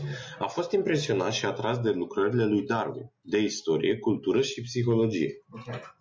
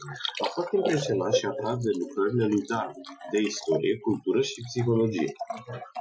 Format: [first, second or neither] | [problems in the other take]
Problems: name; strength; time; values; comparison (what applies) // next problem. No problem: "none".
first | noise reduction (classical method Wiener filter)